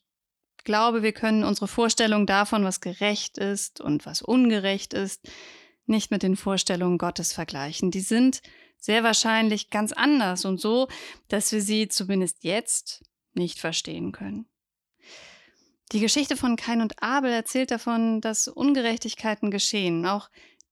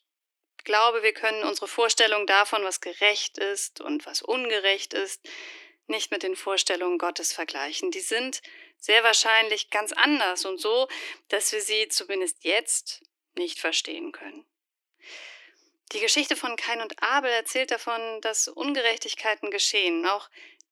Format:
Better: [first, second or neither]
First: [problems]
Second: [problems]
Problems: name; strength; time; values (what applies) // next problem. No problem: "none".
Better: first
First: none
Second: thin; very; fading below 300 Hz